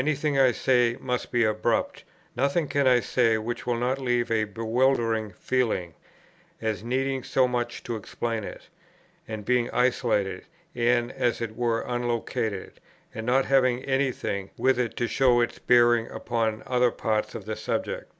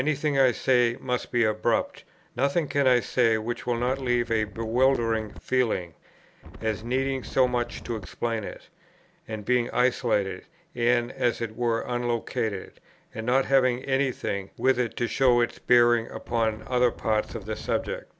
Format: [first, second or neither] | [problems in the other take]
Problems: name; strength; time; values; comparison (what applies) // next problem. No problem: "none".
first | background sound (Wind); 14 dB below the speech